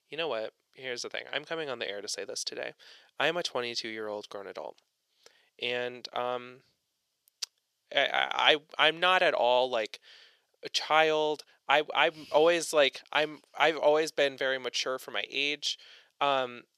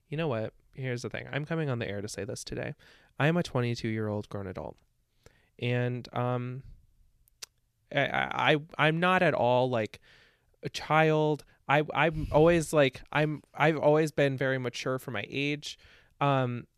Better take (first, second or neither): second